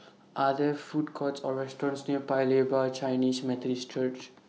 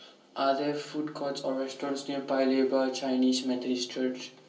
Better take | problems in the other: first | room echo; dies away in 0.3 s

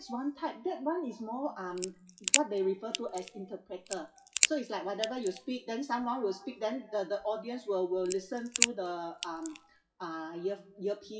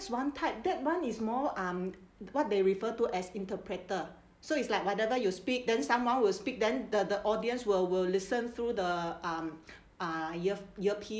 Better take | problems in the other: second | noise reduction (classical method WPE with log-MMSE)

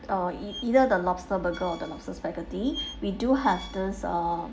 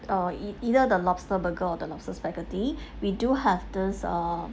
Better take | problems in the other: second | background sound (Squeak); 17 dB below the speech // room echo; dies away in 0.5 s

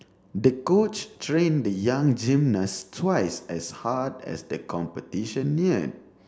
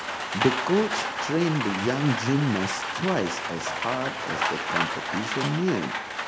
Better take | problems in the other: first | background sound (Rain); 2 dB below the speech

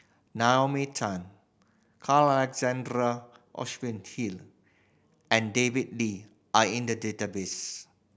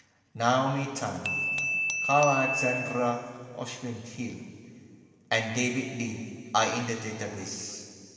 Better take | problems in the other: first | background sound (Glass / Bell); 3 dB below the speech // room echo; dies away in 2.6 s

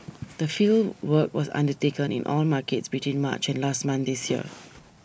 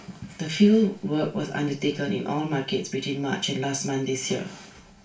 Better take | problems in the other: first | room echo; dies away in 0.3 s

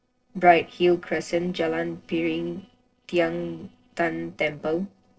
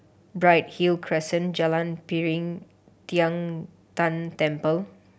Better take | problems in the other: second | noise reduction (neural separator model SepFormer DNS4)

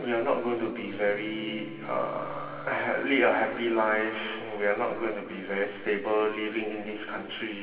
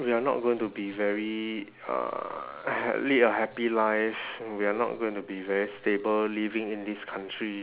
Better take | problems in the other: second | background sound (Wind instrument, woodwind instrument); 20 dB below the speech // room echo; dies away in 2.4 s

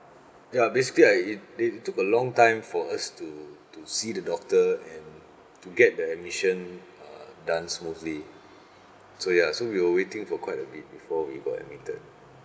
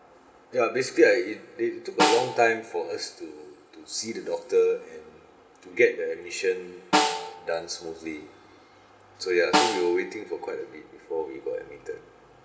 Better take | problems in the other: first | background sound (Snare drum); 3 dB below the speech // room echo; dies away in 1.7 s

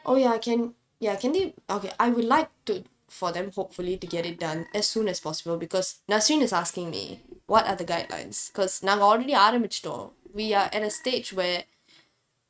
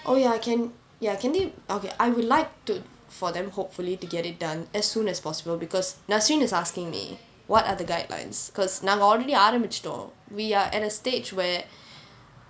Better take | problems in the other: second | noise reduction (neural mask model RNNoise)

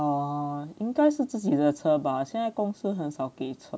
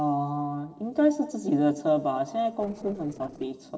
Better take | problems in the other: first | noise reduction (neural separator model SepFormer DNS4)

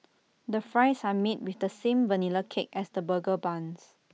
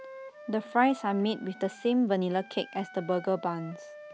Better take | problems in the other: first | background sound (Wind instrument, woodwind instrument); 18 dB below the speech

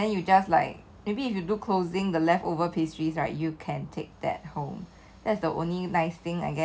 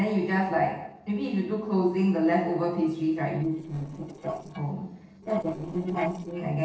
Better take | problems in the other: first | noise reduction (neural separator model SepFormer DNS4)

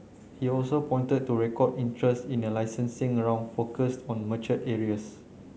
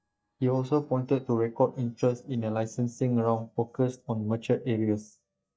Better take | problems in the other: first | noise reduction (neural mask model DeepFilterNet 3)

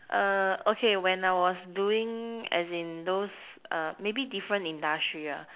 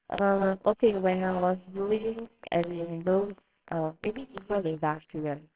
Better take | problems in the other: first | noise reduction (neural separator model SepFormer WHAMR!)

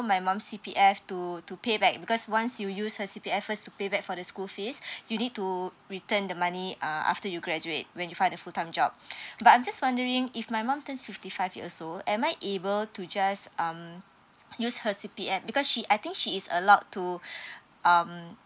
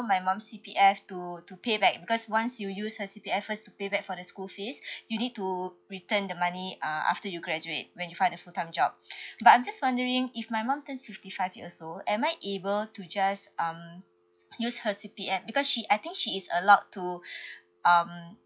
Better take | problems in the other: first | noise reduction (classical method log-MMSE)

